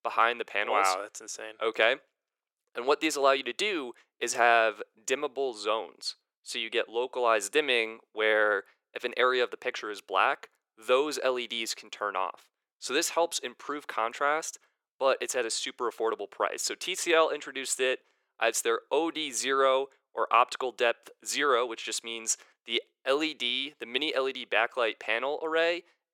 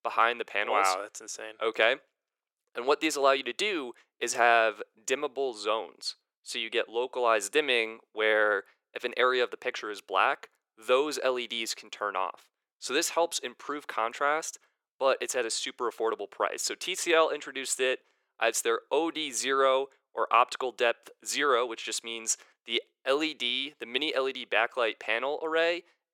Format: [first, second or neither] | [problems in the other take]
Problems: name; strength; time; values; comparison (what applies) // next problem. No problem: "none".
neither | thin; very; fading below 400 Hz; the same in both